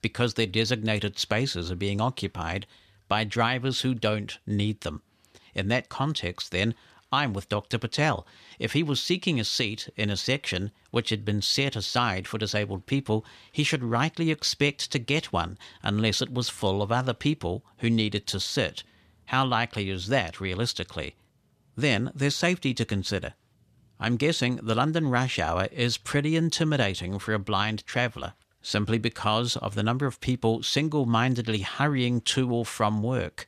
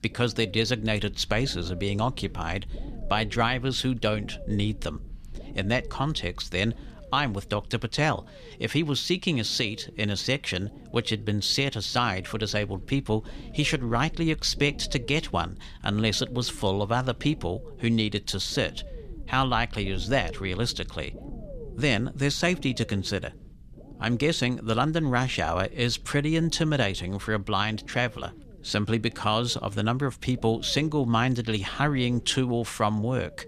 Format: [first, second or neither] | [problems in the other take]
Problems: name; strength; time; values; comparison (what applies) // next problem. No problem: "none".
first | low rumble; faint; throughout; 20 dB below the speech